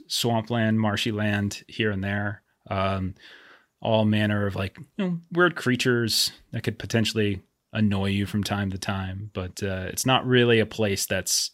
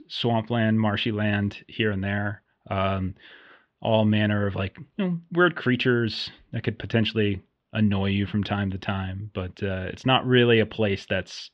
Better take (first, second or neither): first